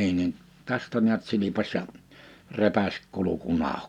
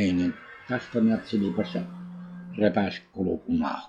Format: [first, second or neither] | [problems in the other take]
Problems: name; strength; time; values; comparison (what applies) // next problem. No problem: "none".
first | noise reduction (classical method log-MMSE)